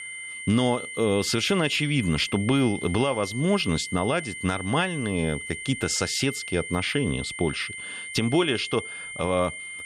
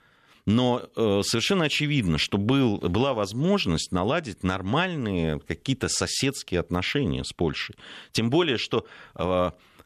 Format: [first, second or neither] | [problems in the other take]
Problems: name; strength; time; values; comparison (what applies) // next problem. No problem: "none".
second | high-pitched whine; loud; throughout; 2 kHz, 9 dB below the speech